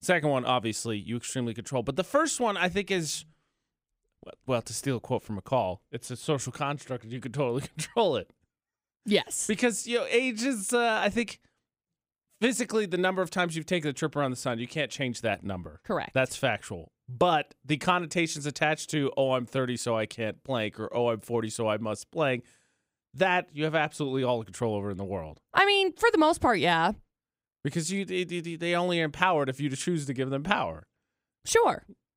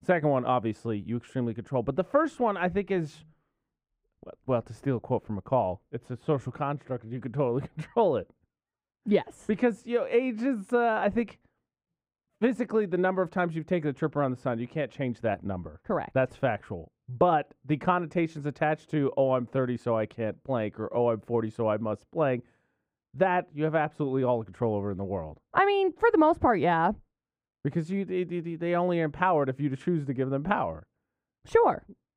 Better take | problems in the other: first | muffled; very; fading above 3 kHz

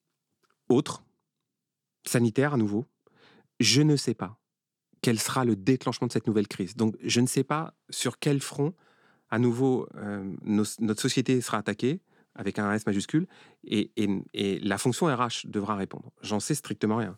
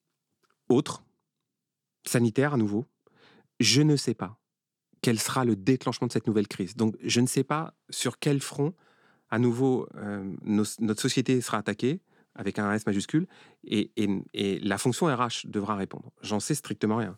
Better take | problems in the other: neither | none

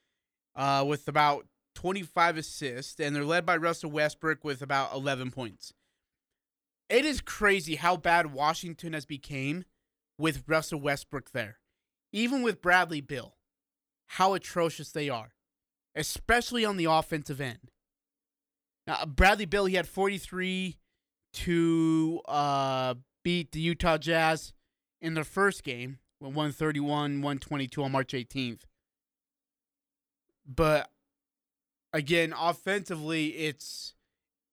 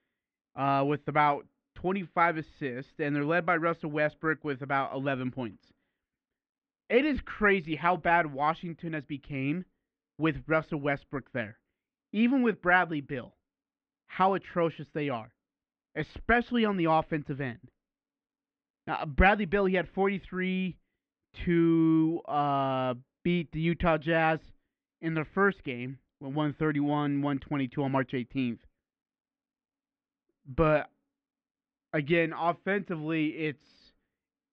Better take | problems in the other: first | muffled; very; fading above 2.5 kHz

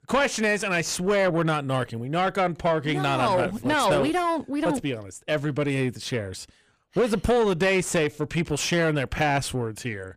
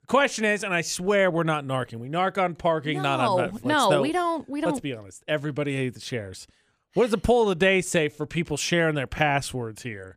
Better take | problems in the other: second | distortion; slight; 10 dB below the speech

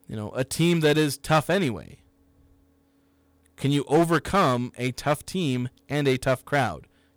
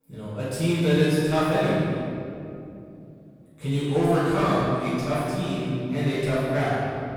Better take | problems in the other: first | off-mic speech; far // room echo; strong; dies away in 2.5 s

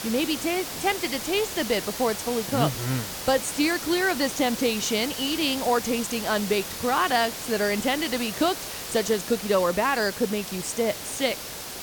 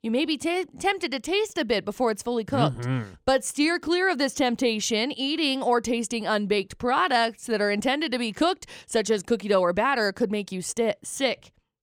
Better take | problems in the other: second | hiss; loud; throughout; 7 dB below the speech

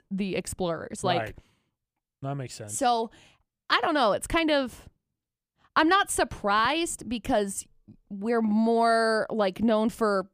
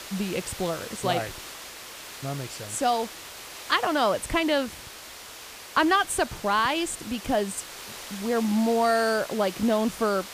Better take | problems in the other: first | hiss; noticeable; throughout; 15 dB below the speech

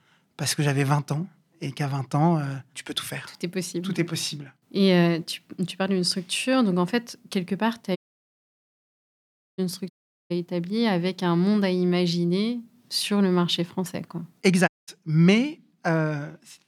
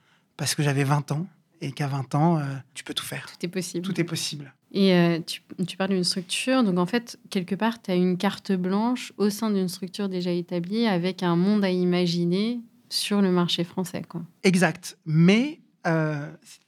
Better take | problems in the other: second | audio cutting out; at 8 s for 1.5 s, at 10 s and at 15 s

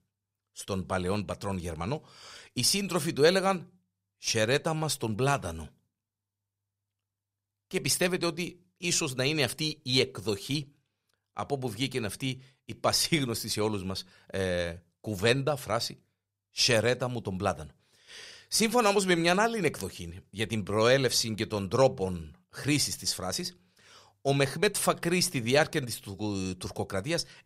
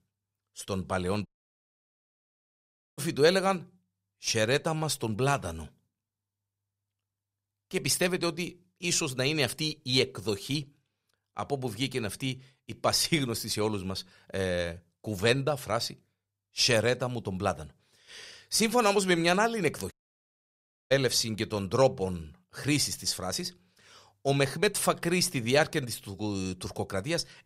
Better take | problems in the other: first | audio cutting out; at 1.5 s for 1.5 s and at 20 s for 1 s

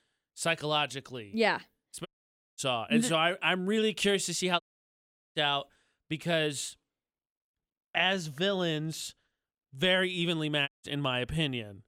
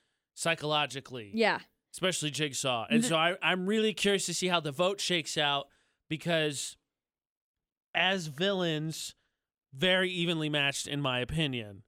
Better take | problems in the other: second | audio cutting out; at 2 s for 0.5 s, at 4.5 s for 1 s and at 11 s

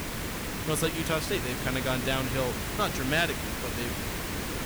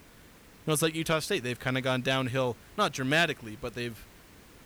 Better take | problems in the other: second | hiss; loud; throughout; 2 dB below the speech; faint in the second

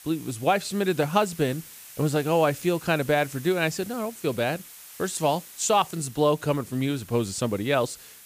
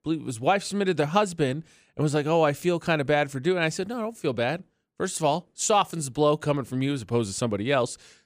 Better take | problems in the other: second | hiss; noticeable; throughout; 20 dB below the speech

